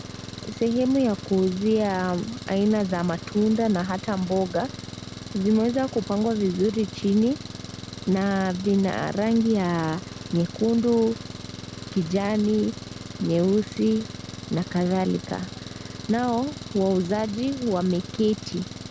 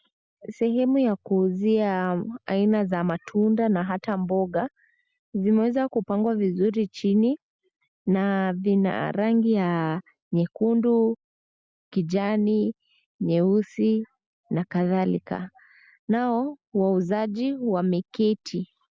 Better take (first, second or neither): second